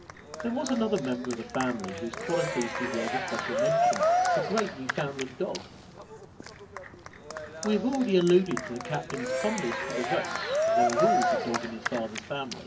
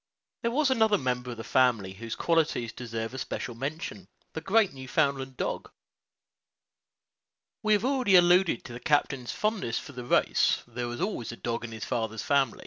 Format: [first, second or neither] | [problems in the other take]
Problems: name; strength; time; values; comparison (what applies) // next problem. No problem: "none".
second | background sound (Cheering); as loud as the speech // room echo; dies away in 0.3 s